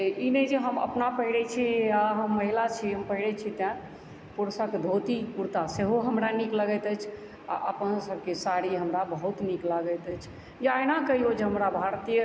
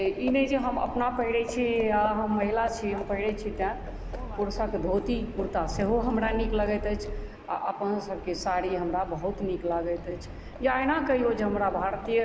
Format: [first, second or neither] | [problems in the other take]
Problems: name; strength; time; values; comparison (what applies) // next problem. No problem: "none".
first | background sound (Livestock, farm animals, working animals); 10 dB below the speech